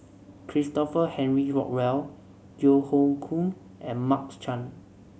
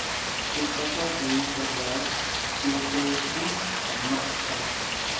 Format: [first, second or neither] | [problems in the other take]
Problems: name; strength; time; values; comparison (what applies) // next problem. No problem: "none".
first | background sound (Rain); 4 dB above the speech // room echo; dies away in 0.9 s